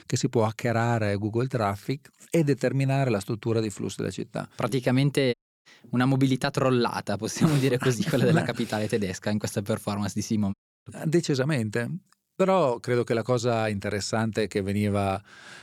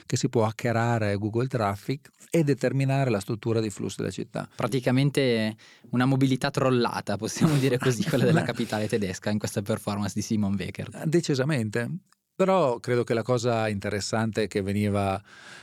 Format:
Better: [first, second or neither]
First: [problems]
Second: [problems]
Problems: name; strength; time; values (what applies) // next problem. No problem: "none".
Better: second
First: audio cutting out; at 5.5 s and at 11 s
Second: none